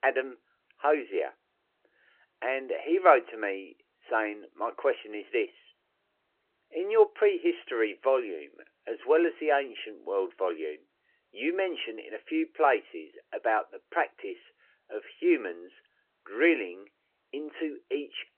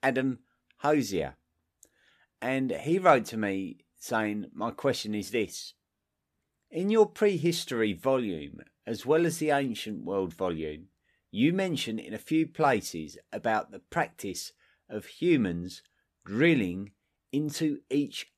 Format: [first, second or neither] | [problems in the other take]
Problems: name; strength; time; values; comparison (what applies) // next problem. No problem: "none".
second | phone-call audio